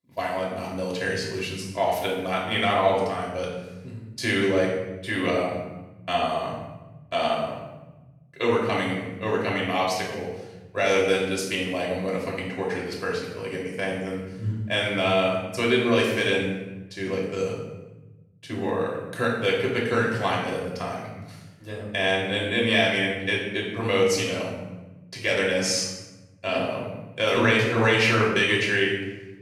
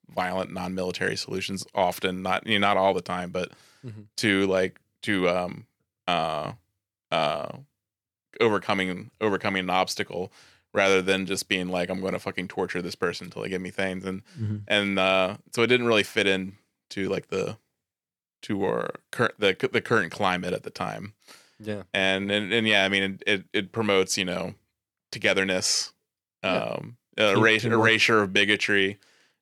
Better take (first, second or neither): second